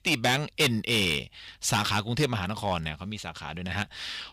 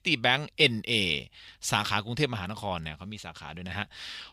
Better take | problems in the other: second | distortion; heavy; 4% of the sound clipped

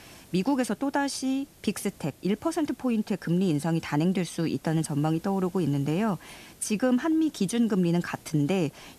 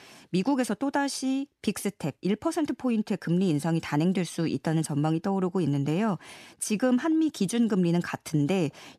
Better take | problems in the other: second | hiss; faint; throughout; 25 dB below the speech

